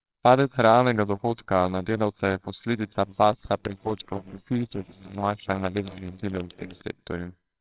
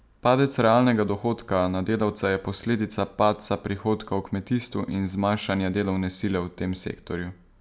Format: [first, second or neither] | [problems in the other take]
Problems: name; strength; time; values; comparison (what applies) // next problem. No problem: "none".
second | noise reduction (neural separator model SepFormer WHAMR!)